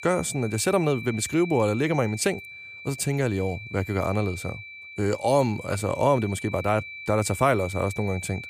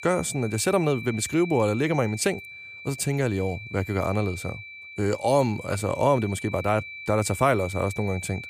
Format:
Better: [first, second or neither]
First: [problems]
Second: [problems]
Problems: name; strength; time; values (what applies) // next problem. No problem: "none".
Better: neither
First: high-pitched whine; noticeable; throughout; 2.5 kHz, 10 dB below the speech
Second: high-pitched whine; noticeable; throughout; 2.5 kHz, 10 dB below the speech